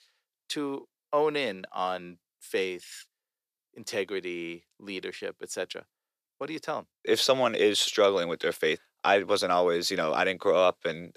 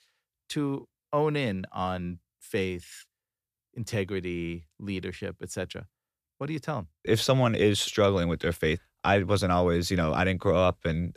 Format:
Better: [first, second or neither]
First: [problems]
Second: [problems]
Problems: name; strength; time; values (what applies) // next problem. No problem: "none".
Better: second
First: thin; somewhat; fading below 400 Hz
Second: none